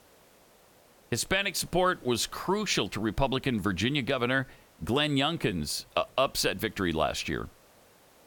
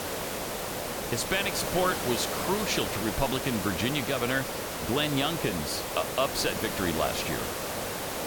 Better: first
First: hiss; faint; throughout; 30 dB below the speech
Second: hiss; loud; throughout; 2 dB below the speech

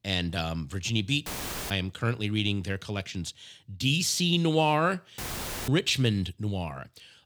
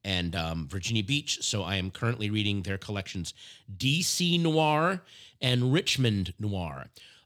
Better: second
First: audio cutting out; filled with static; at 1.5 s and at 5 s for 0.5 s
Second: none

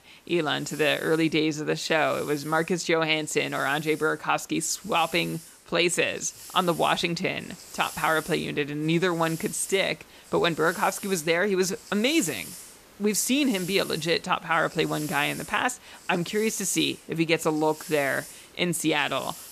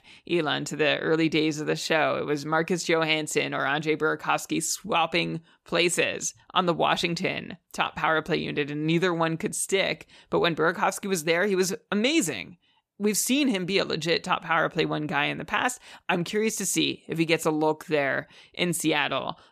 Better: second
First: hiss; noticeable; throughout; 15 dB below the speech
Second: none

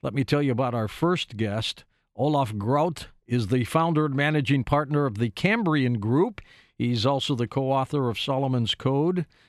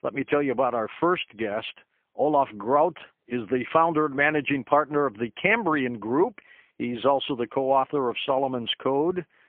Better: first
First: none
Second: phone-call audio; poor line; nothing above 3.5 kHz

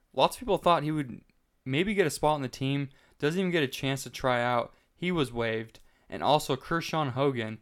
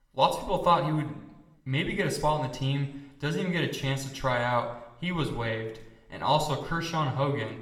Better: first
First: none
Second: room echo; slight; dies away in 0.8 s

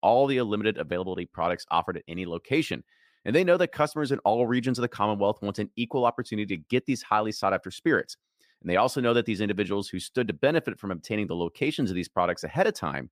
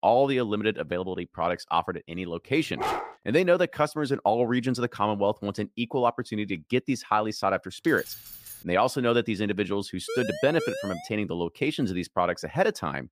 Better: first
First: none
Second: dog barking; noticeable; at 3 s; peak 3 dB below the speech // jangling keys; faint; at 8 s; peak 15 dB below the speech // siren; noticeable; from 10 to 11 s; peak 6 dB below the speech

